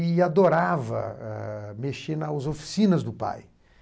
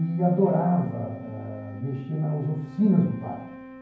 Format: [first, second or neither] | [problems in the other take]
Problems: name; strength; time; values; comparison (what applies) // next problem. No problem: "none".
first | background sound (Wind instrument, woodwind instrument); 16 dB below the speech // room echo; dies away in 0.9 s